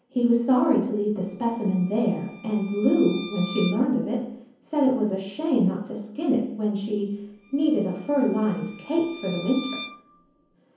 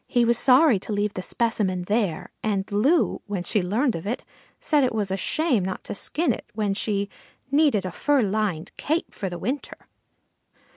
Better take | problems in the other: second | background sound (Bowed string instrument); 18 dB below the speech // room echo; dies away in 0.7 s

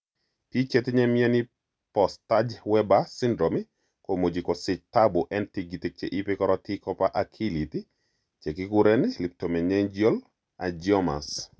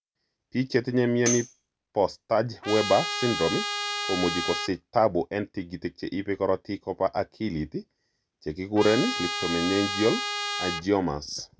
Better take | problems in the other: first | background sound (Tambourine + Trumpet); 5 dB below the speech

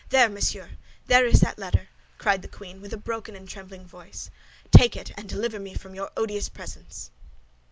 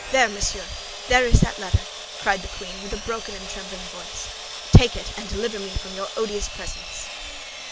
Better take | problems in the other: first | background sound (Sawing); 11 dB below the speech

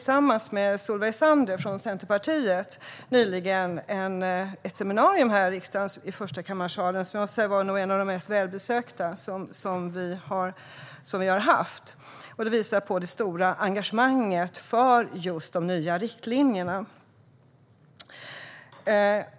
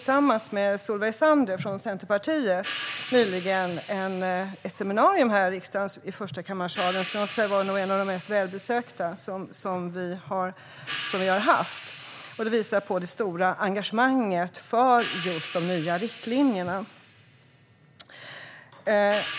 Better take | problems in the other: first | background sound (Crash cymbal / Hi-hat); 15 dB below the speech

